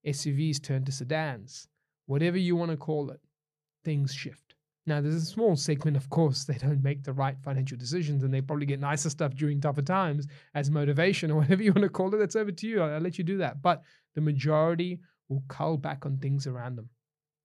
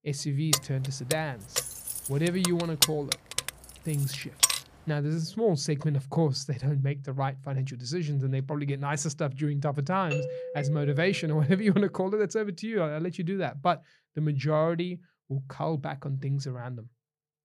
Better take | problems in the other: first | jangling keys; loud; from 0.5 to 4.5 s; peak 6 dB above the speech // doorbell; noticeable; from 10 to 12 s; peak 4 dB below the speech

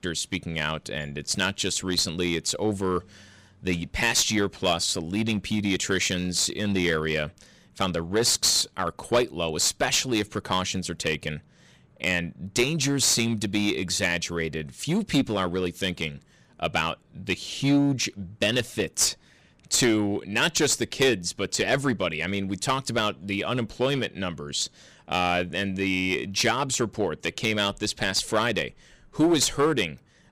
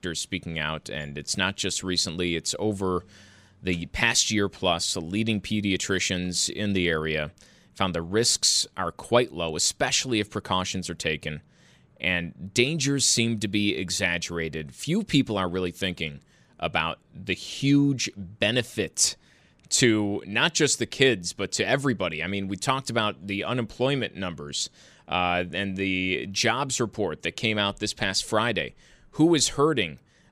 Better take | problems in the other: second | distortion; slight; 4% of the sound clipped

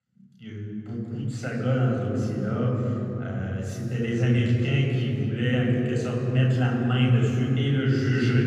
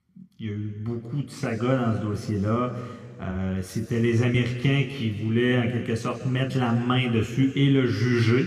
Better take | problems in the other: second | room echo; strong; dies away in 3 s; slight in the second // off-mic speech; far

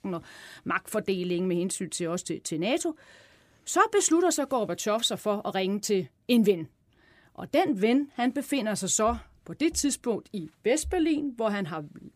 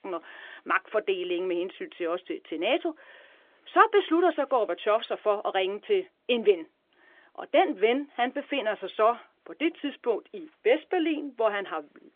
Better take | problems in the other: first | phone-call audio; nothing above 3.5 kHz

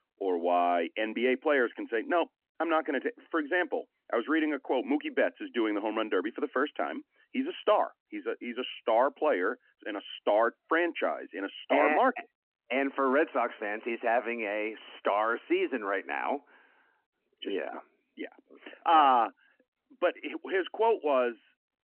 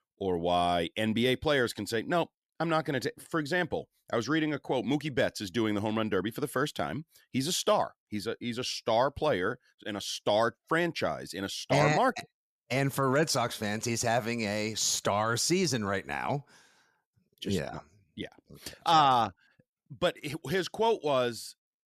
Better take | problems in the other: second | phone-call audio

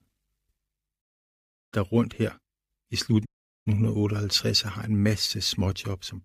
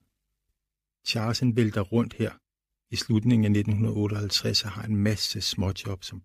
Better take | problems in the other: second | audio cutting out; at 1 s for 0.5 s and at 3.5 s

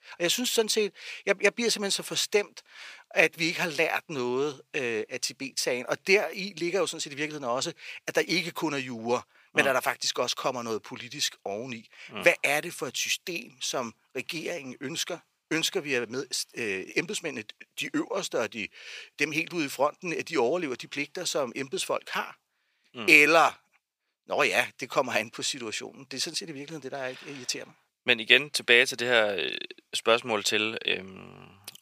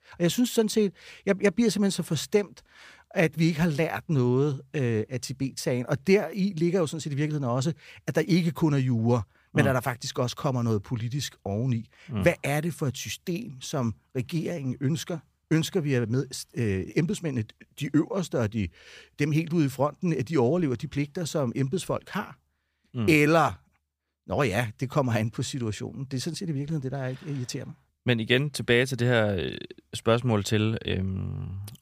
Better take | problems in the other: second | thin; somewhat; fading below 450 Hz

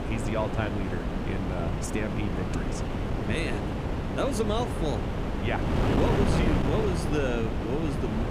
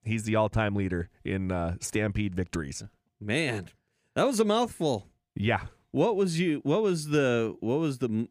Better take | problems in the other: second | wind noise on the microphone; heavy; as loud as the speech

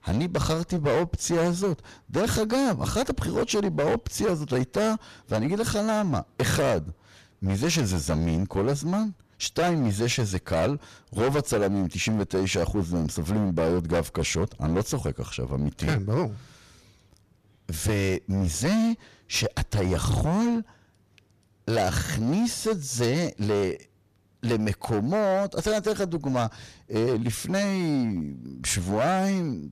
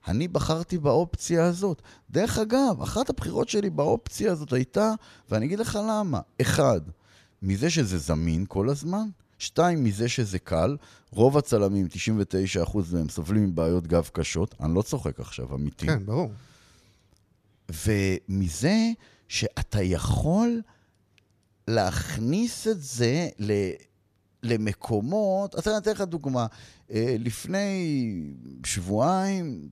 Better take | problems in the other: second | distortion; heavy; 15% of the sound clipped

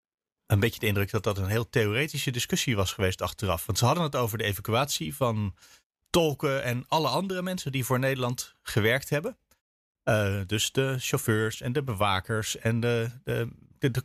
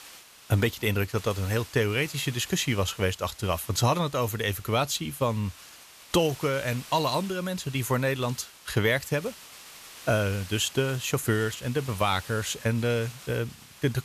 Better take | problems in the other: first | hiss; noticeable; throughout; 15 dB below the speech

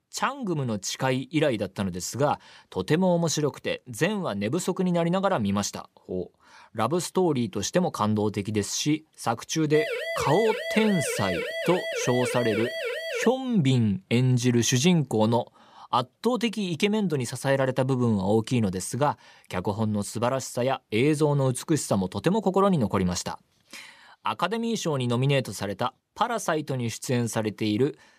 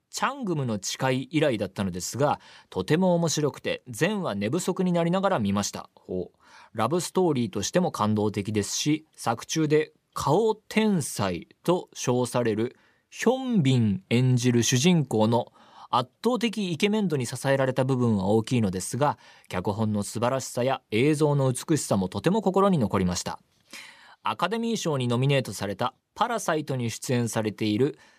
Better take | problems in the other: second | siren; noticeable; from 9.5 to 13 s; peak 4 dB below the speech

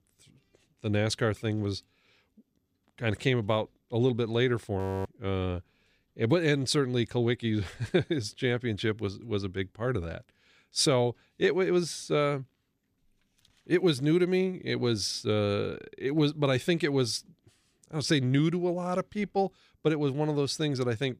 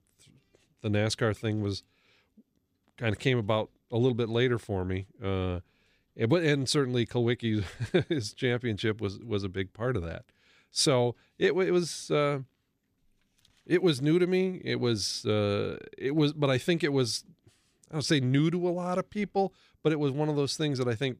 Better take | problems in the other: second | audio freezing; at 5 s

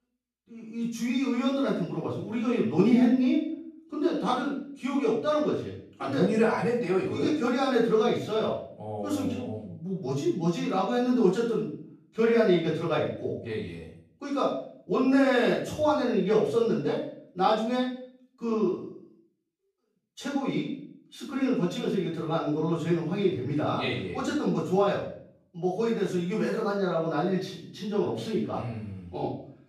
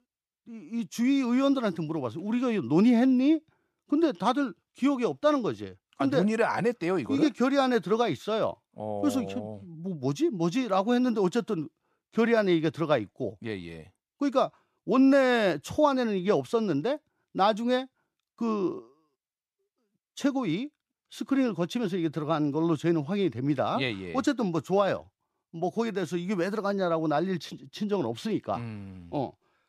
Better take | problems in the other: second | off-mic speech; far // room echo; noticeable; dies away in 0.5 s

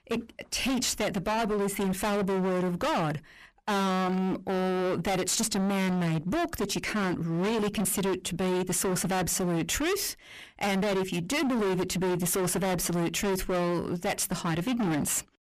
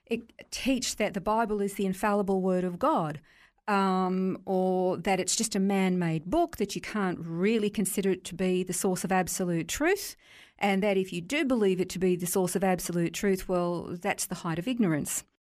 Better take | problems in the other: second | distortion; heavy; 34% of the sound clipped

